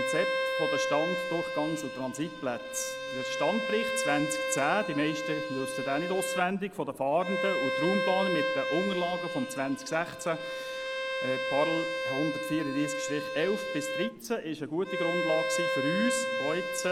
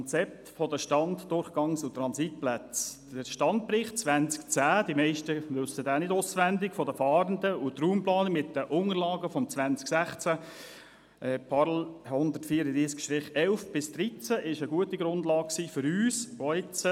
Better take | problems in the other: second | background sound (Bowed string instrument); 1 dB below the speech

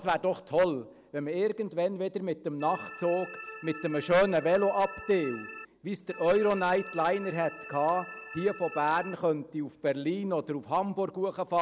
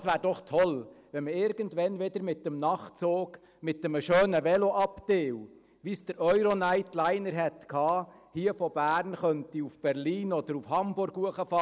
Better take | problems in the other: second | background sound (Organ); 14 dB below the speech

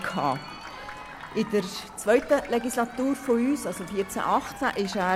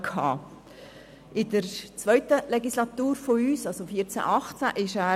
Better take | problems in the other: second | background sound (Crowd + Sink (filling or washing) / Water tap, faucet); 15 dB below the speech

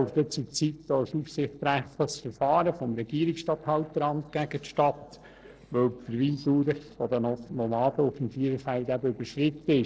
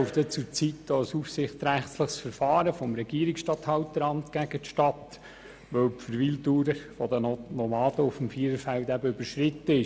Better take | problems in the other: second | noise reduction (neural separator model SepFormer DNS4)

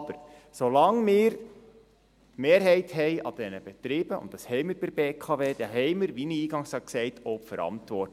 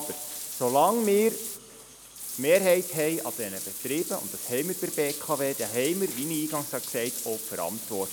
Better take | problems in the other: first | background sound (Bathtub (filling or washing)); 8 dB below the speech

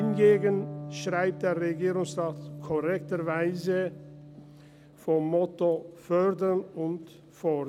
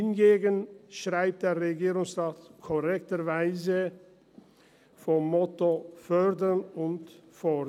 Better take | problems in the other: second | background sound (Electric guitar); 13 dB below the speech

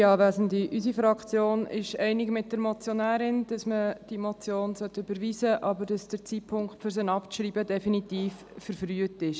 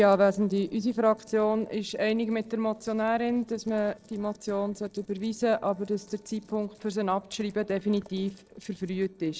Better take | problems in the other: first | noise reduction (neural separator model SepFormer DNS4)

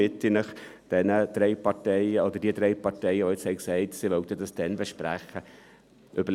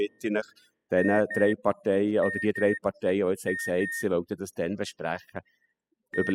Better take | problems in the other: first | noise reduction (classical method spectral subtraction)

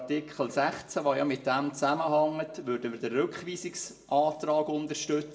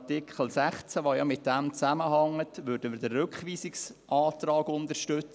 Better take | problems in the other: second | room echo; dies away in 0.6 s

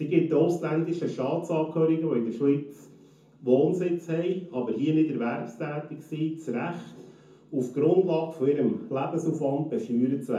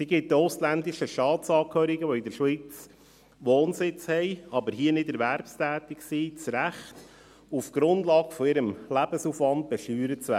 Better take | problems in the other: second | room echo; dies away in 0.6 s

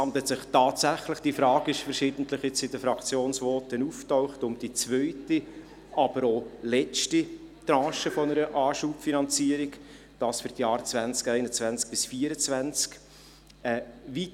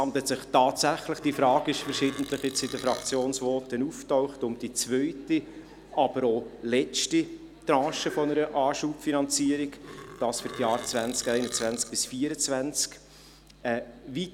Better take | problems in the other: first | background sound (Burping, eructation); 16 dB below the speech

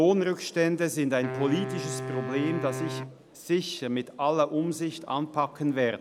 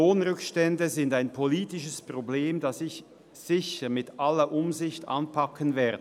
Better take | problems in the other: second | background sound (Wind instrument, woodwind instrument); 9 dB below the speech

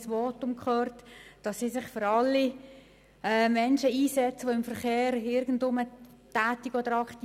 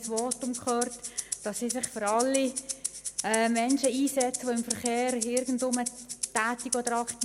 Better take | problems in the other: first | background sound (Rattle (instrument)); 7 dB below the speech

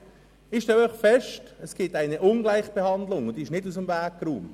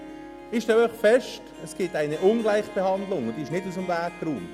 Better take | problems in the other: first | background sound (Harp); 16 dB below the speech

